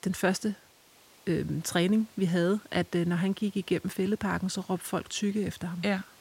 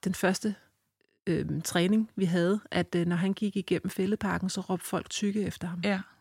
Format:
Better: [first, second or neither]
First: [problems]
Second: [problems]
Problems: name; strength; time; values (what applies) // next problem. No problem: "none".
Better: second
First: hiss; faint; throughout; 25 dB below the speech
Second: none